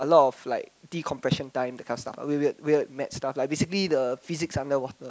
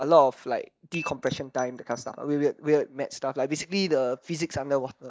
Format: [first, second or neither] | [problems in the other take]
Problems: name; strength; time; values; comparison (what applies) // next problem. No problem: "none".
first | noise reduction (neural mask model DeepFilterNet 3)